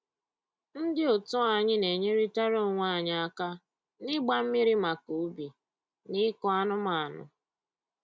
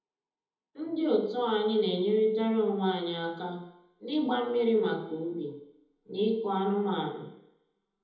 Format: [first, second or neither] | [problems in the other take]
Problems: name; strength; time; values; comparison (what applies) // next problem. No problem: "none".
first | room echo; dies away in 1 s